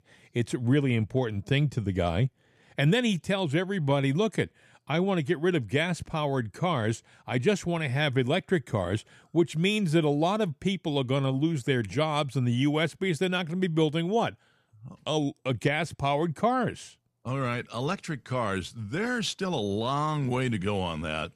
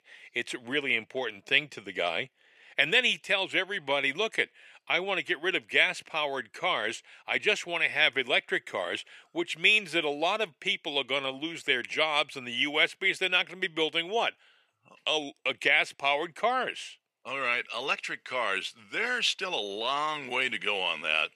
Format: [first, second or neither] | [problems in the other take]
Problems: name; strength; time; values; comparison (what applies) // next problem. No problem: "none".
first | thin; very; fading below 500 Hz